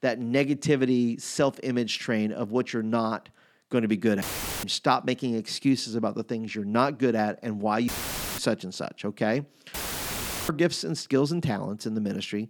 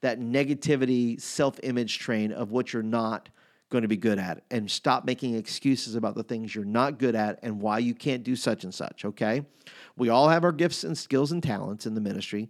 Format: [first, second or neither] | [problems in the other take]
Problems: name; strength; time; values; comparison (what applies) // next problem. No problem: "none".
second | audio cutting out; filled with static; at 4 s, at 8 s for 0.5 s and at 9.5 s for 1 s